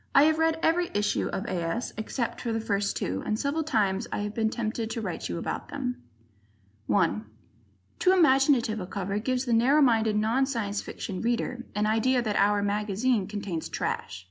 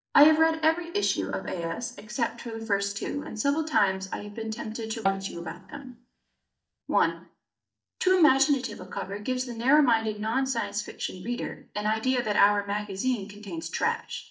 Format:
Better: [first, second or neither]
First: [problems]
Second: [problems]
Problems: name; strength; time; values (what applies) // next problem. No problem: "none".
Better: first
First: none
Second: noise reduction (neural mask model DeepFilterNet 3)